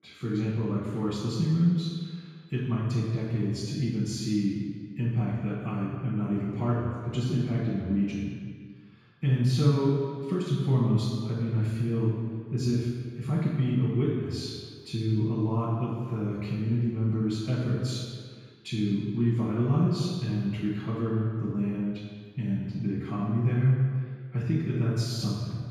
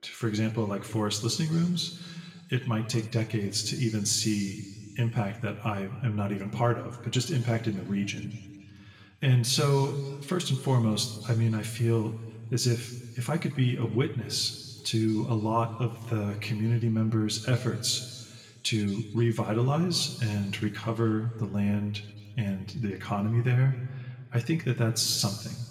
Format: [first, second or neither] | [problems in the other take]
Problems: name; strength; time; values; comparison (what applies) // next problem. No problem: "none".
second | room echo; strong; dies away in 2 s; slight in the second // off-mic speech; far